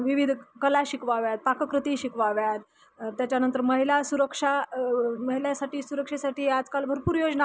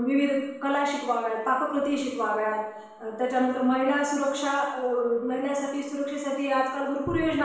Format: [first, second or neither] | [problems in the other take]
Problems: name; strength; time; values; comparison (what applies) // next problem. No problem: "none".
first | room echo; dies away in 0.9 s